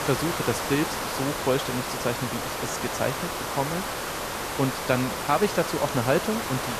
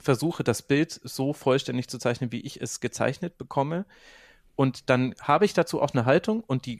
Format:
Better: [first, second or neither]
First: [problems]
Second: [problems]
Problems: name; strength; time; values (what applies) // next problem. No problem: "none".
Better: second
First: hiss; loud; throughout; 2 dB below the speech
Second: none